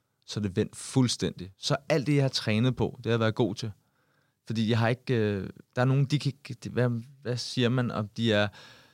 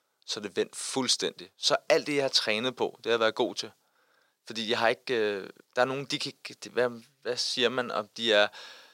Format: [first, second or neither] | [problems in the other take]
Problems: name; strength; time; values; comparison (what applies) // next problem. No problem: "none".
first | thin; very; fading below 500 Hz